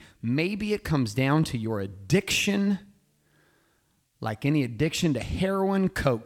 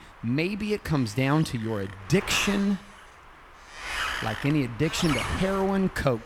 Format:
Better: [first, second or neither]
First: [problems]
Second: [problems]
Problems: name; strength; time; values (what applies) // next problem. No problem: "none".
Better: first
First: none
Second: wind noise on the microphone; heavy; 4 dB below the speech